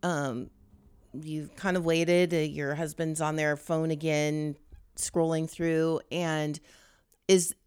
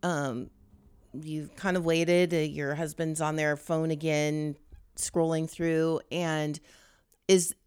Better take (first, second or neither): neither